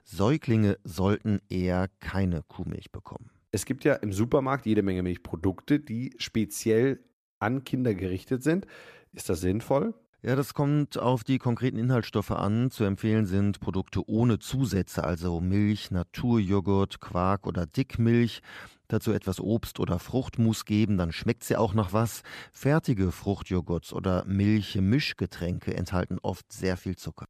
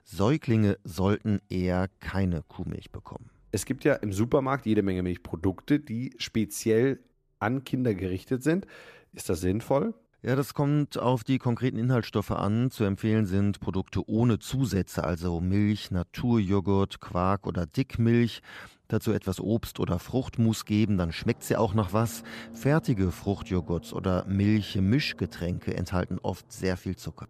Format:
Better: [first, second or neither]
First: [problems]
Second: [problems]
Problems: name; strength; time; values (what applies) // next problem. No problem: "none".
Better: first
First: none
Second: traffic noise; faint; throughout; 25 dB below the speech